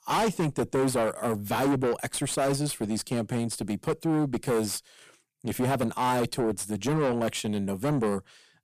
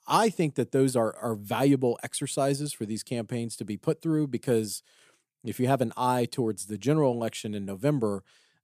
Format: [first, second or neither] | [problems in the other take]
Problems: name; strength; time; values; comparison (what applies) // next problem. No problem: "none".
second | distortion; heavy; 5 dB below the speech